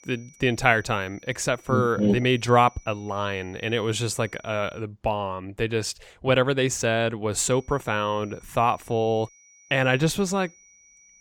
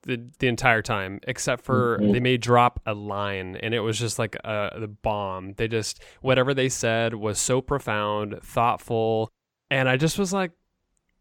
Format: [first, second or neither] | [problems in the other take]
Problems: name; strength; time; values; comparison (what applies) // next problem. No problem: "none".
second | high-pitched whine; faint; until 5 s and from 7.5 s on; 6 kHz, 30 dB below the speech